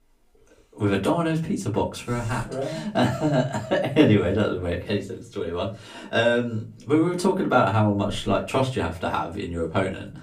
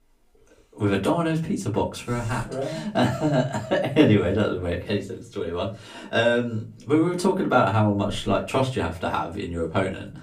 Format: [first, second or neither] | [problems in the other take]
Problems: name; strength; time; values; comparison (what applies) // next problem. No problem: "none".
neither | off-mic speech; far; the same in both // room echo; very slight; dies away in 0.3 s; the same in both